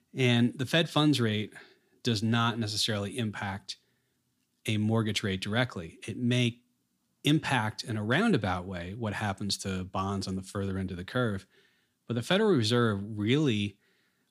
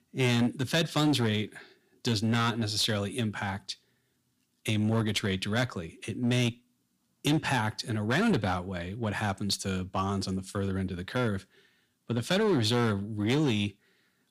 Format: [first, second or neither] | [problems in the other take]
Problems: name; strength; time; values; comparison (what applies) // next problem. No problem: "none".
first | distortion; slight; 6% of the sound clipped